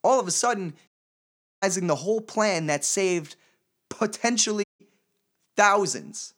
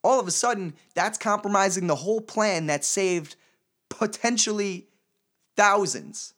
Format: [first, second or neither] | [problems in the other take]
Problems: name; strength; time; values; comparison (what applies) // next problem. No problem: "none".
second | audio cutting out; at 1 s for 0.5 s and at 4.5 s